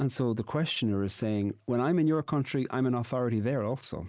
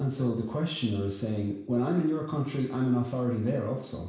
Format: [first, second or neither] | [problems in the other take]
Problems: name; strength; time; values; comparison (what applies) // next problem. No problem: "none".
first | room echo; dies away in 0.7 s